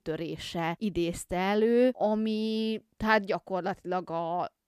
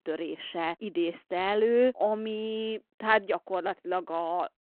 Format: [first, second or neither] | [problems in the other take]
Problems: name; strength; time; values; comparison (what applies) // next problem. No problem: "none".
first | phone-call audio